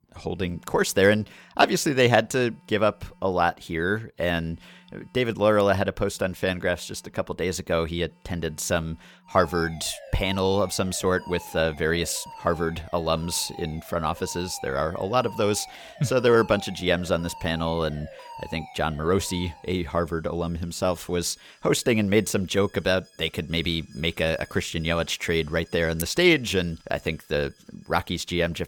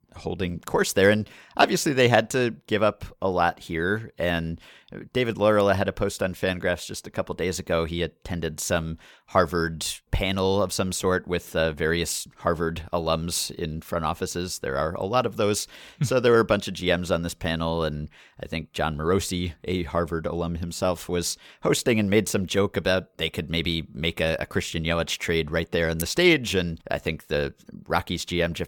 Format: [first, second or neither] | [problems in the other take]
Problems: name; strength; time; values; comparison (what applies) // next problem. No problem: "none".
second | alarms or sirens; faint; throughout; 20 dB below the speech